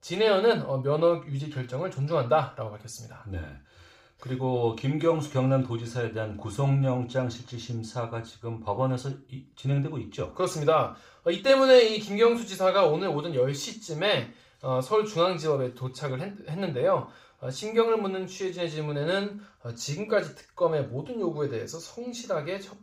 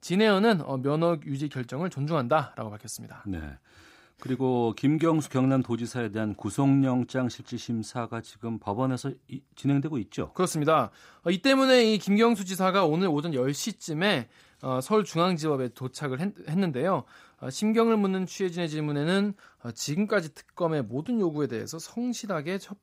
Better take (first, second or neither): second